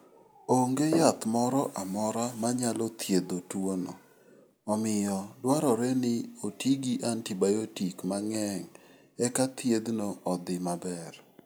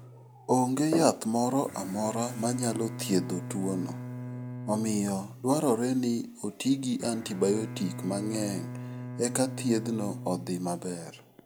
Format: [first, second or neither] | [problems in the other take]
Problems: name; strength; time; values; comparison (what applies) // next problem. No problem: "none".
first | background sound (Bowed string instrument); 11 dB below the speech